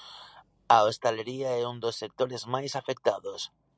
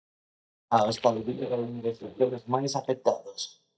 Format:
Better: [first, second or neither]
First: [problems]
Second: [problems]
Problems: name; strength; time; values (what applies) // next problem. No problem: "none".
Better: first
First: none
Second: noise reduction (neural mask model DeepFilterNet 3)